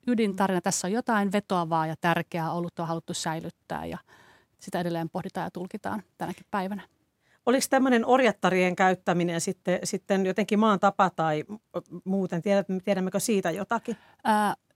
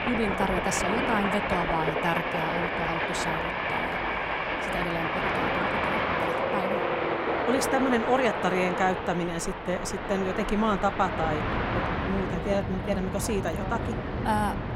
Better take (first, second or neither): first